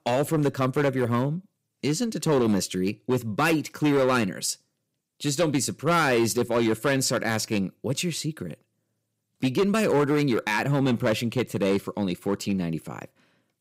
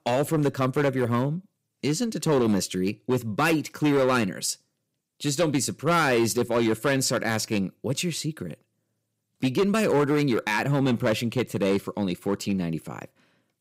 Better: neither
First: distortion; slight; 7% of the sound clipped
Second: distortion; slight; 7% of the sound clipped

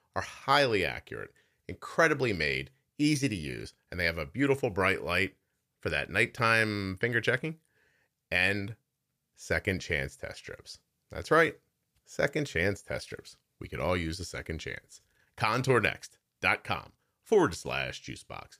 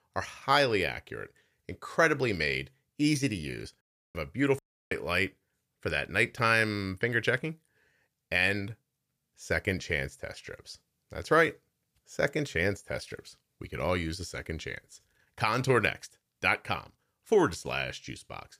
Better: first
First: none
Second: audio cutting out; at 4 s and at 4.5 s

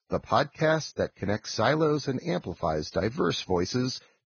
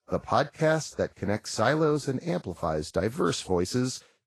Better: second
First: garbled, watery; badly; nothing above 6.5 kHz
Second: garbled, watery; slightly; nothing above 12.5 kHz

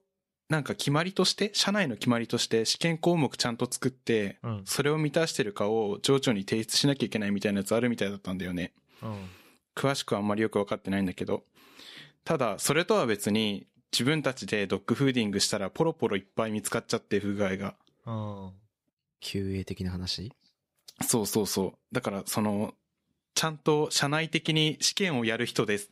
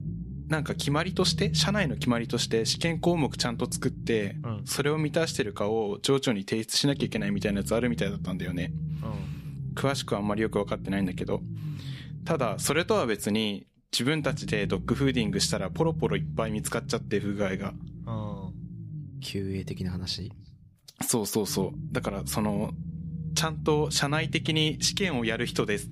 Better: first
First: none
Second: low rumble; noticeable; throughout; 15 dB below the speech

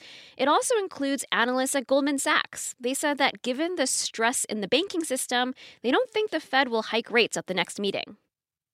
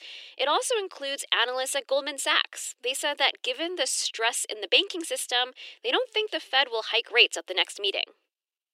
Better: first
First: none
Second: thin; very; fading below 350 Hz

